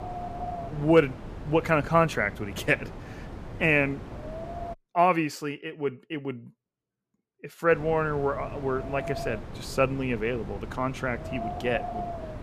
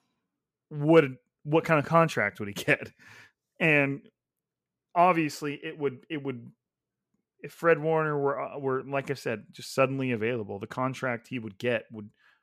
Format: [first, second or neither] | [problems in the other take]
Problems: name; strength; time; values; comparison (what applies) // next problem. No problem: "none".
second | wind noise on the microphone; occasional gusts; until 4.5 s and from 7.5 s on; 15 dB below the speech